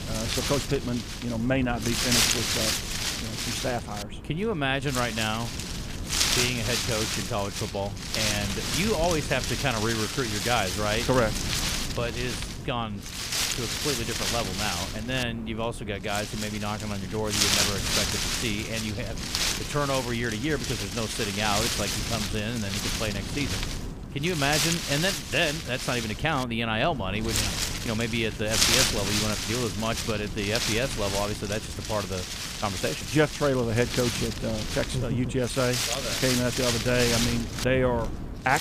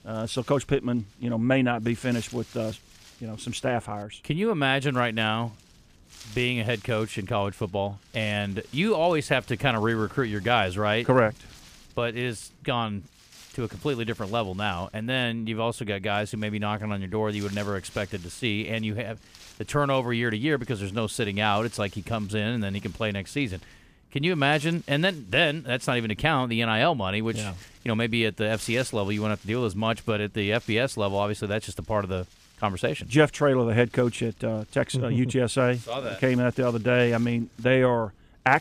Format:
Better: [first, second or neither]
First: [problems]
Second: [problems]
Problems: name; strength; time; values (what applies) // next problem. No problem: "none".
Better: second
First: wind noise on the microphone; heavy; 1 dB above the speech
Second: wind noise on the microphone; occasional gusts; 25 dB below the speech